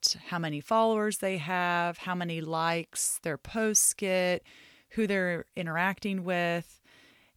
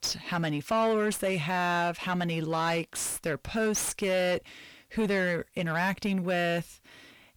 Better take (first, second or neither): first